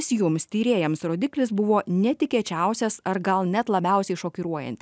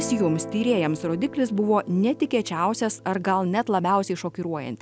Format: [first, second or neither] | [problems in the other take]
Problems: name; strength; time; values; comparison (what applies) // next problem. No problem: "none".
first | background sound (Guitar); 15 dB below the speech